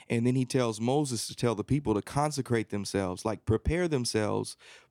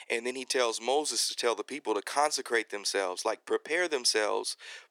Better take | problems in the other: first | thin; very; fading below 400 Hz

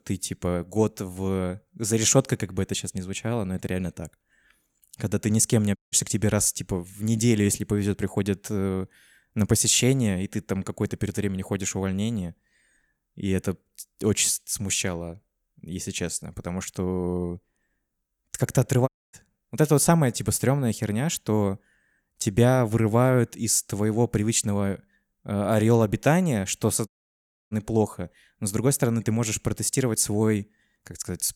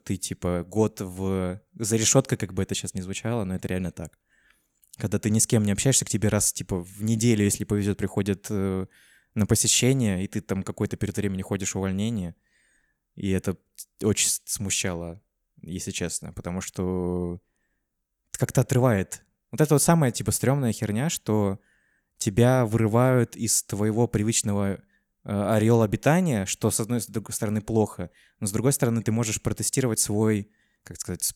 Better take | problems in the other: second | audio cutting out; at 6 s, at 19 s and at 27 s for 0.5 s

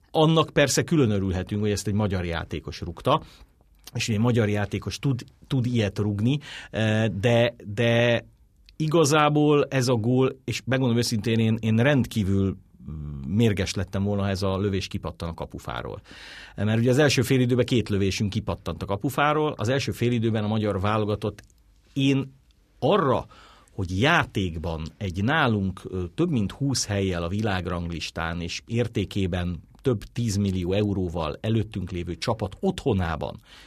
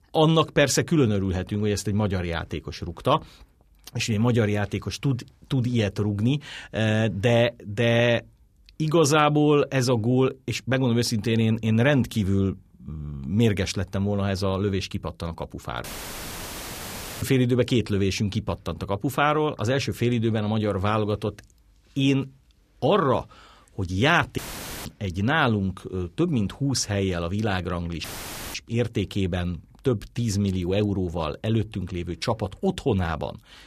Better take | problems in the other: first | audio cutting out; filled with static; at 16 s for 1.5 s, at 24 s and at 28 s for 0.5 s

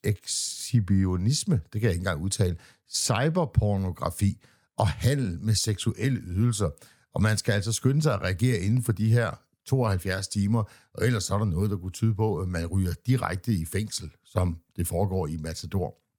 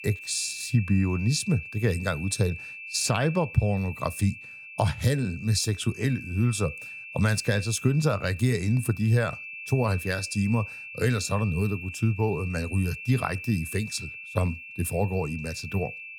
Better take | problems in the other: first | high-pitched whine; noticeable; throughout; 2.5 kHz, 10 dB below the speech

